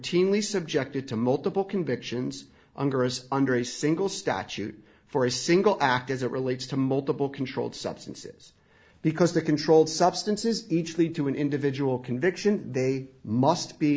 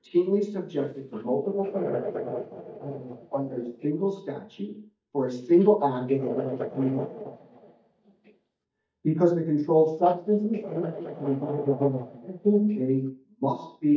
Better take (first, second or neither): first